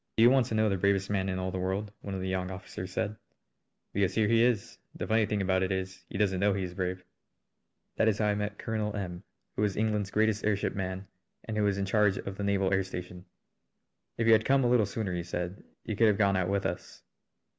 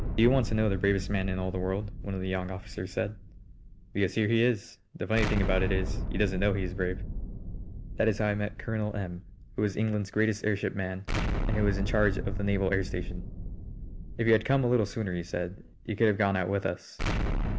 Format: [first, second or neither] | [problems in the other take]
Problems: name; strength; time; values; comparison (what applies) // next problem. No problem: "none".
first | background sound (Explosion); 4 dB below the speech